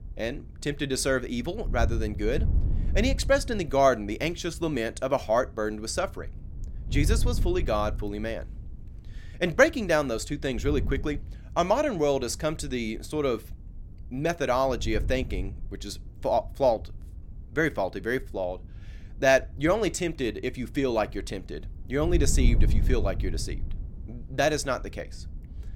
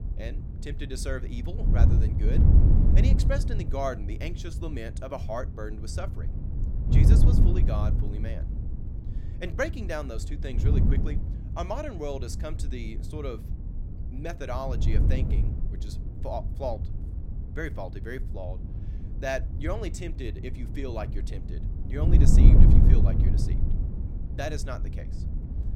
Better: first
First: wind noise on the microphone; occasional gusts; 25 dB below the speech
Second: wind noise on the microphone; heavy; 5 dB below the speech

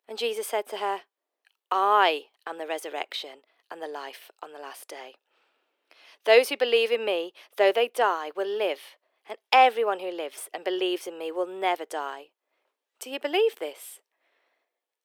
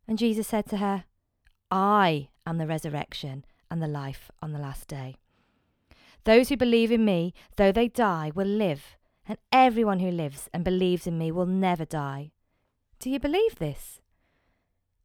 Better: second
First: thin; very; fading below 350 Hz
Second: none

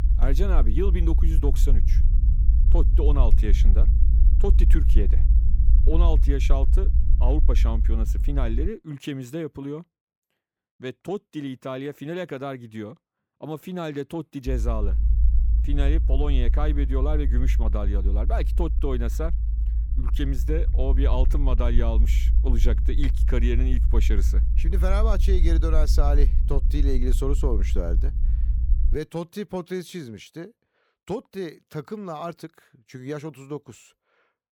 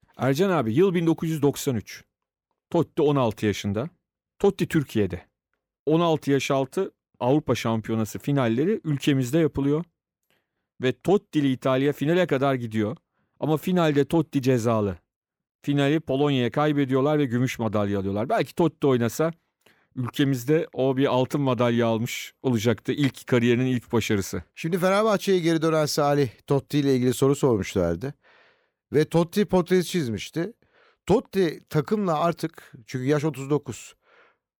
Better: second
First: low rumble; noticeable; until 8.5 s and from 14 to 29 s; 10 dB below the speech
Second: none

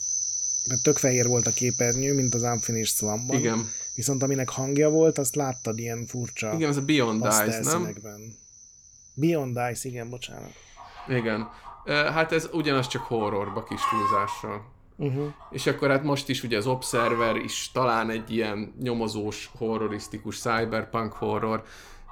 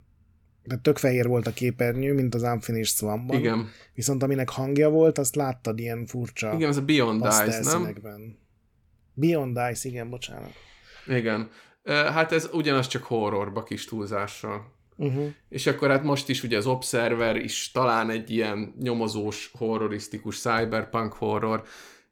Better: second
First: animal sounds; loud; throughout; 2 dB below the speech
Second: none

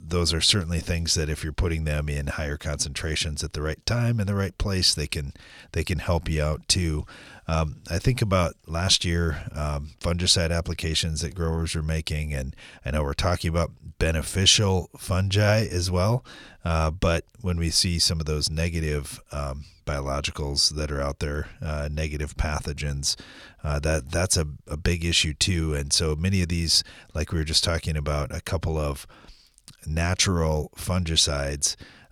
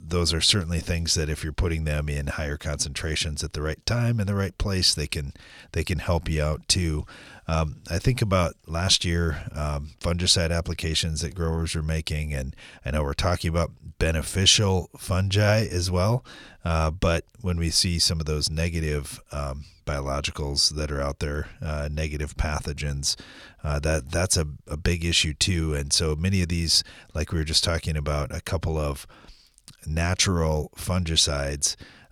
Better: neither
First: none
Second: none

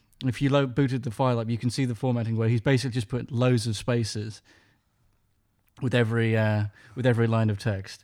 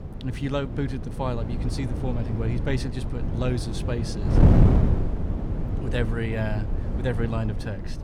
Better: first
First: none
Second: wind noise on the microphone; heavy; 2 dB below the speech

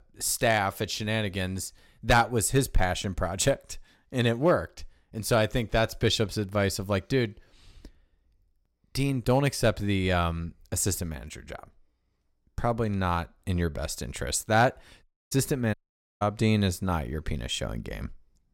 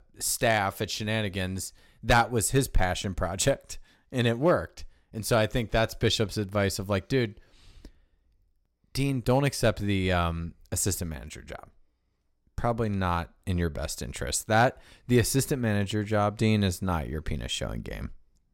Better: second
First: audio cutting out; at 15 s and at 16 s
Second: none

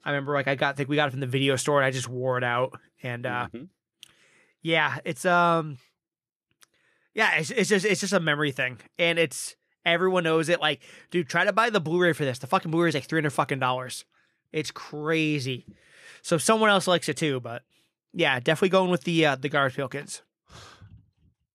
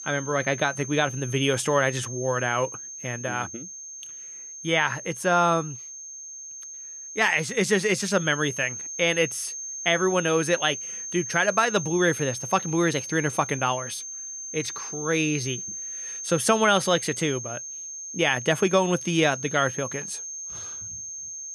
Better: first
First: none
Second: high-pitched whine; loud; throughout; 6.5 kHz, 9 dB below the speech

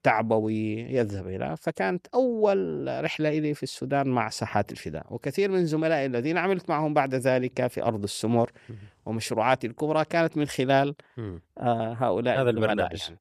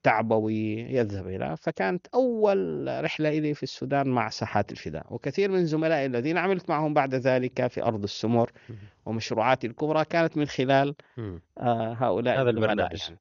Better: first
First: none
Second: garbled, watery; slightly; nothing above 6 kHz

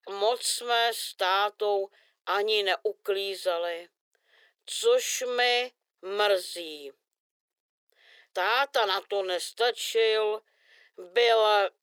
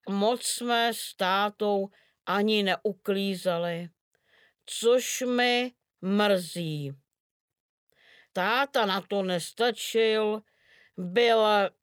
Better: second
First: thin; very; fading below 350 Hz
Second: none

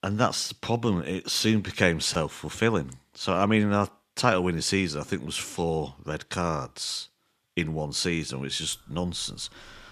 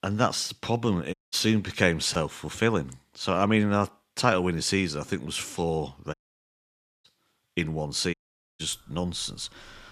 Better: first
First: none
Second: audio cutting out; at 1 s, at 6 s for 1 s and at 8 s

